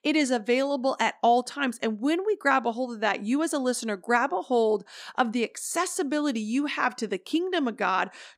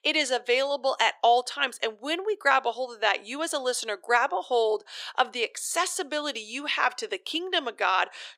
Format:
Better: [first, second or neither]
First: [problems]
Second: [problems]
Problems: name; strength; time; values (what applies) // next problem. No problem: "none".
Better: first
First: none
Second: thin; very; fading below 400 Hz